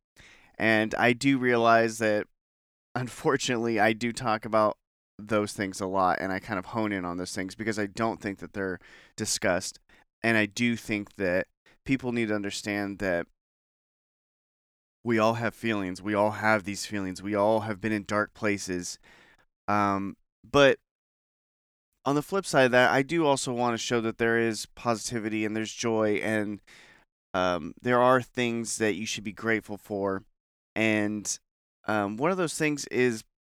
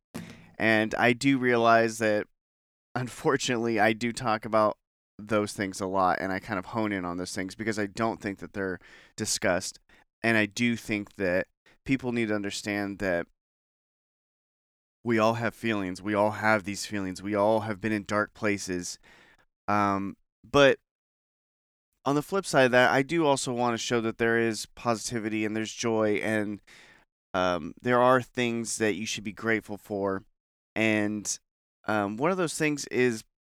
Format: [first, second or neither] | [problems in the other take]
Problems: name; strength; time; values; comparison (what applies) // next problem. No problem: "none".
first | phone ringing; faint; at the start; peak 15 dB below the speech